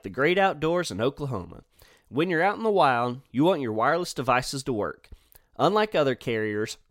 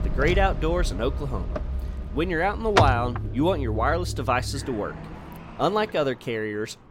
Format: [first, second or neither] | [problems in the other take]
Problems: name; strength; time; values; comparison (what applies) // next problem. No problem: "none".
first | traffic noise; loud; throughout; 4 dB below the speech